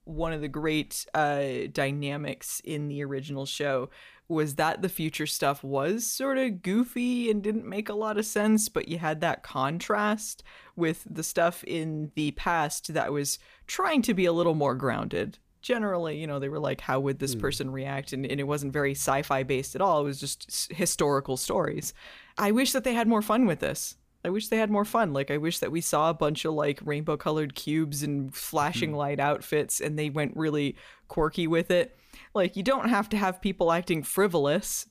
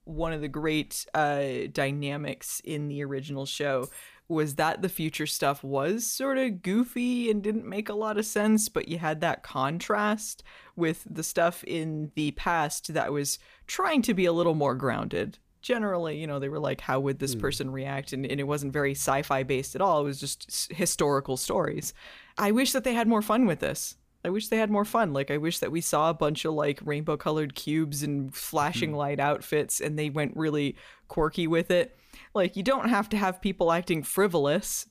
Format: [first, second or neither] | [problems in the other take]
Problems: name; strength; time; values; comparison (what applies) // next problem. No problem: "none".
first | jangling keys; faint; at 4 s; peak 15 dB below the speech